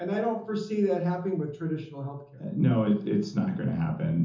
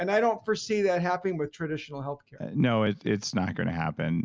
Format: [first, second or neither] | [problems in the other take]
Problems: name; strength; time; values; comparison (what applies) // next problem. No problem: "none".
second | room echo; dies away in 0.6 s